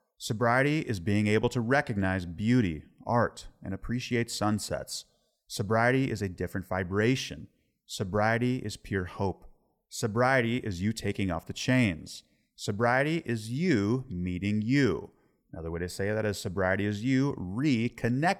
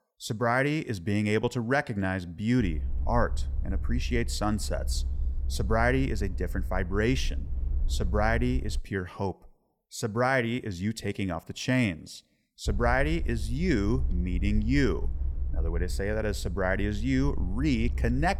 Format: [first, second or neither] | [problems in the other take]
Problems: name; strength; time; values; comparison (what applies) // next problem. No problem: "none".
first | low rumble; faint; from 2.5 to 9 s and from 13 s on; 20 dB below the speech